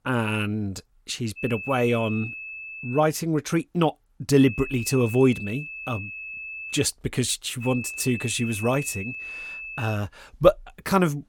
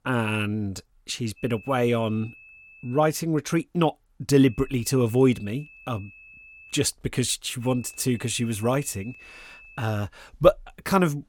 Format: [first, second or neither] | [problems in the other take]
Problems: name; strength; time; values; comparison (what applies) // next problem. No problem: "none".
second | high-pitched whine; loud; from 1.5 to 3 s, from 4.5 to 7 s and from 7.5 to 10 s; 2.5 kHz, 9 dB below the speech; faint in the second